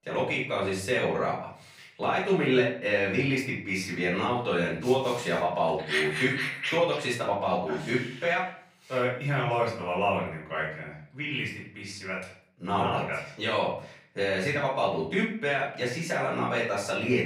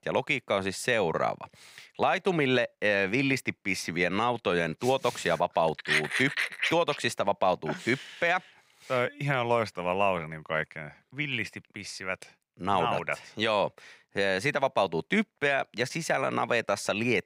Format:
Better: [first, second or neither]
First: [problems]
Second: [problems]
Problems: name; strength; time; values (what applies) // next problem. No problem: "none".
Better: second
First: off-mic speech; far // room echo; noticeable; dies away in 0.5 s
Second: none